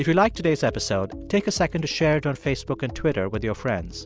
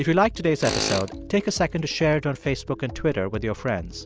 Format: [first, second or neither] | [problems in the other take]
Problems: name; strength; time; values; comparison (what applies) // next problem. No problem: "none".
first | background sound (Tools); 11 dB below the speech